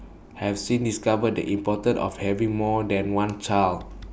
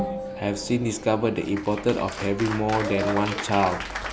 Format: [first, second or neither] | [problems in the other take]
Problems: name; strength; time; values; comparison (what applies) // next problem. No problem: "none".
first | background sound (Applause); 8 dB below the speech